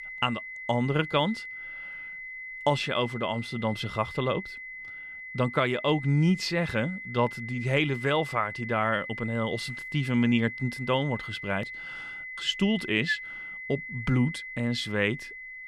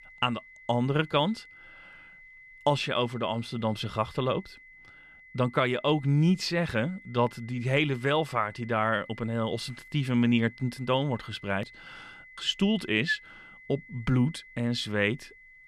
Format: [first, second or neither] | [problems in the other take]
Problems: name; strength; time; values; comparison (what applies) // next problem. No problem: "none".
second | high-pitched whine; loud; throughout; 2 kHz, 9 dB below the speech; faint in the second